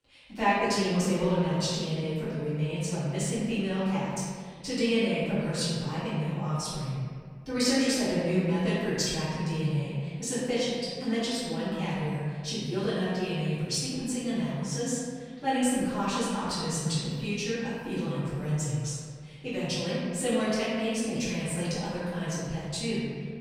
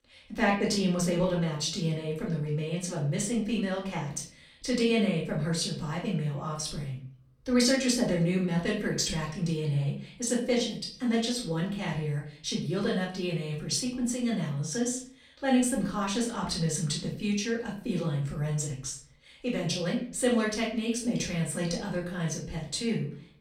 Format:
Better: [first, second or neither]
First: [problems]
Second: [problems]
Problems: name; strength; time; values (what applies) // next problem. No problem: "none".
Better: second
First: room echo; strong; dies away in 1.9 s // off-mic speech; far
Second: room echo; slight; dies away in 0.4 s // off-mic speech; far